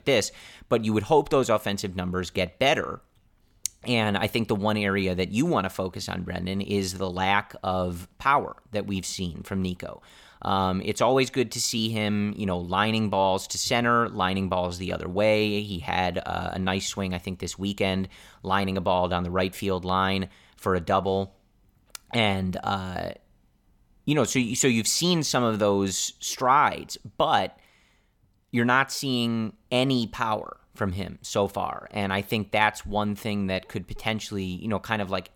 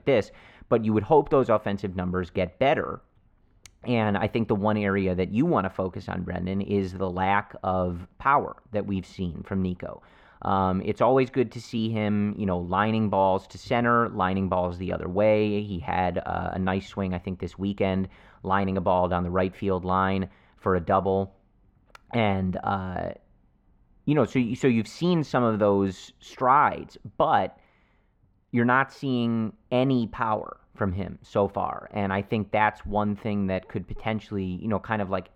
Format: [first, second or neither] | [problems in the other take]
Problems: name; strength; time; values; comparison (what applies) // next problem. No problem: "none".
first | muffled; very; fading above 3.5 kHz